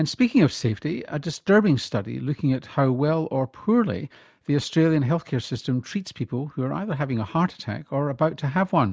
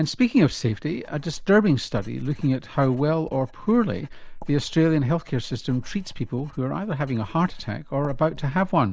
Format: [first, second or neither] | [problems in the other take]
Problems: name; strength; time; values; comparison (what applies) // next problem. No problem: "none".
first | noise reduction (neural mask model Resemble Enhance denoiser)